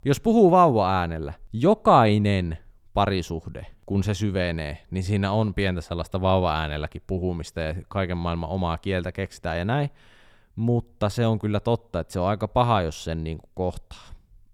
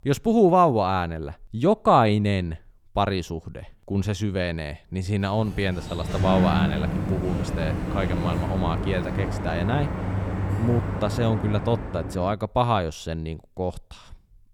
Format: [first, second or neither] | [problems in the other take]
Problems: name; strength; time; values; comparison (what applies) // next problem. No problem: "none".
first | door banging; loud; from 5.5 to 12 s; peak 3 dB above the speech